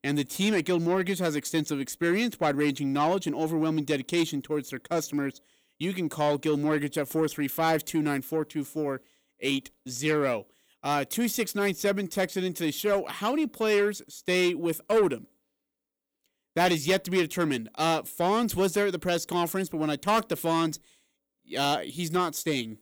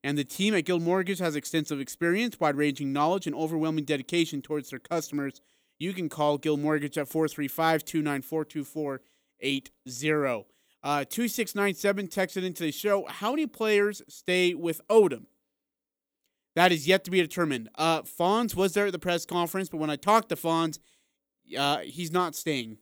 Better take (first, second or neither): second